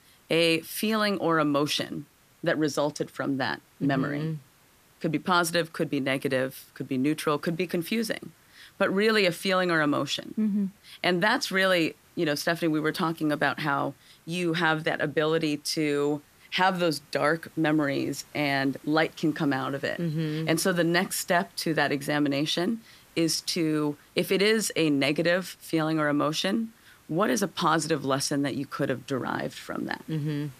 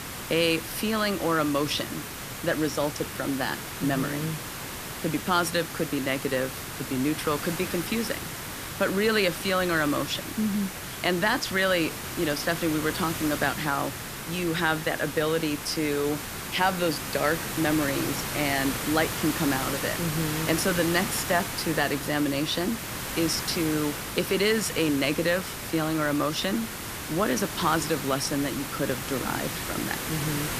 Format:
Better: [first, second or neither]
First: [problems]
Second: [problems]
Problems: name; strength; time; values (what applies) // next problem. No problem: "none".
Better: first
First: hiss; faint; throughout; 30 dB below the speech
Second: hiss; loud; throughout; 5 dB below the speech